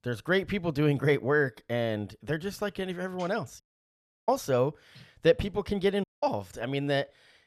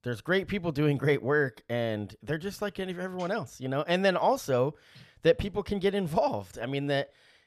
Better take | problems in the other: second | audio cutting out; at 3.5 s for 0.5 s and at 6 s

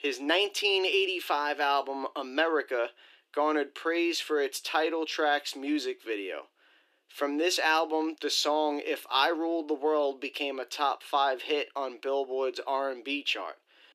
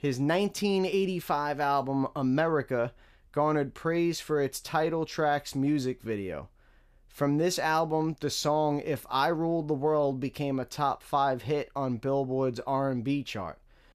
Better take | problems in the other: second | thin; somewhat; fading below 300 Hz

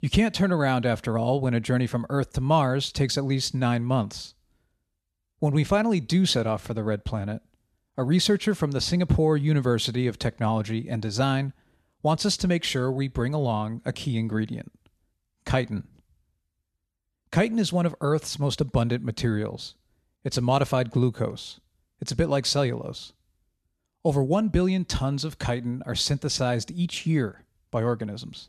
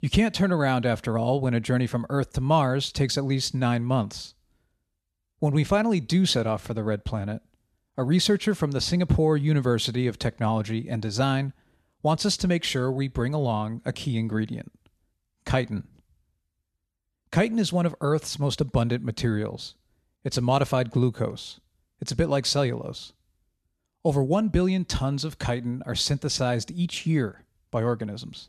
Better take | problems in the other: neither | none

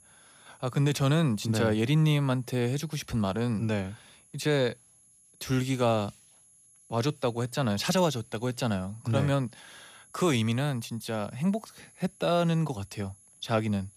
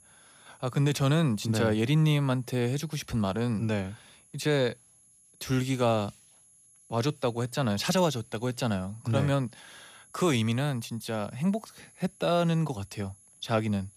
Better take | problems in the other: neither | high-pitched whine; faint; throughout; 11 kHz, 25 dB below the speech; the same in both

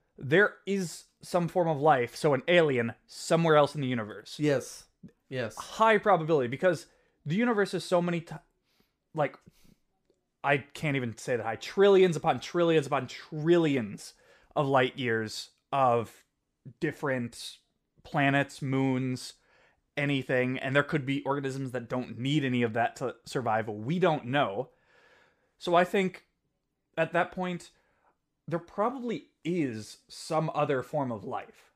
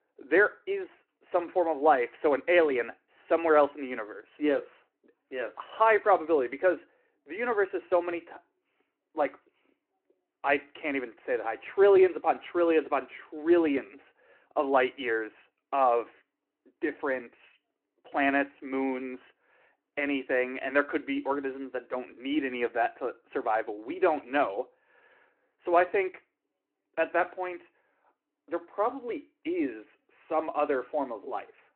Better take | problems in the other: first | phone-call audio

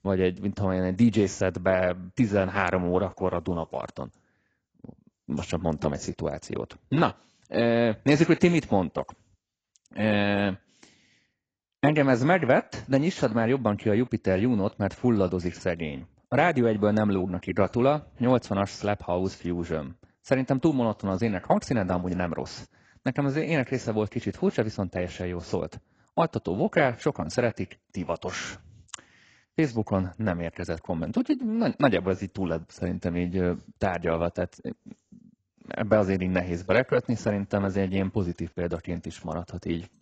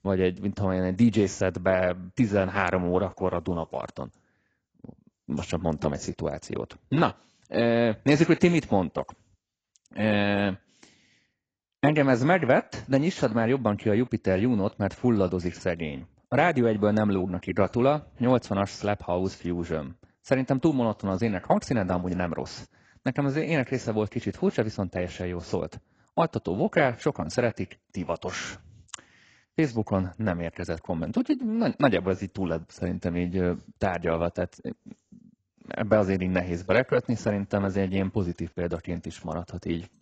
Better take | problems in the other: neither | garbled, watery; badly; nothing above 7.5 kHz; the same in both

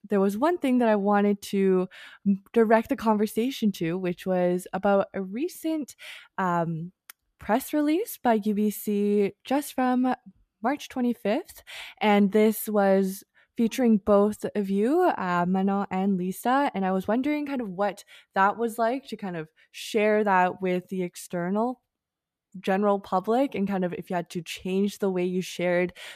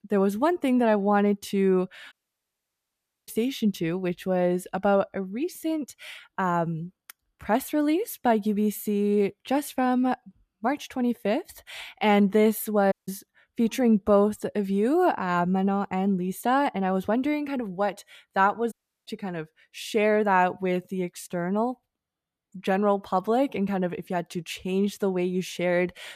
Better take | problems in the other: first | audio cutting out; at 2 s for 1 s, at 13 s and at 19 s

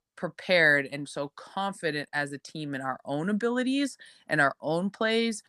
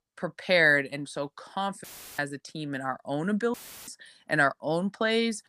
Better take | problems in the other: first | audio cutting out; filled with static; at 2 s and at 3.5 s

